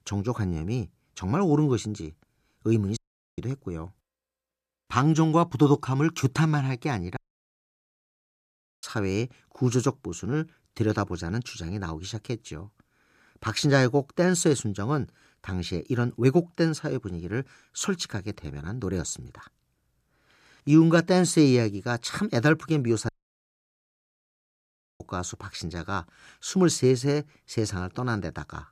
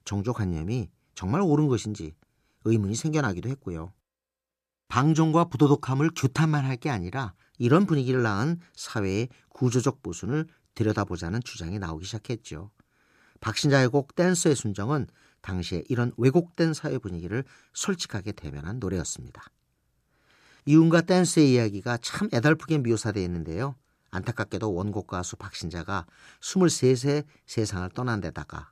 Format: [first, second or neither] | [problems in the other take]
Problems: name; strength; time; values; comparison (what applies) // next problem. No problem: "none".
second | audio cutting out; at 3 s, at 7 s for 1.5 s and at 23 s for 2 s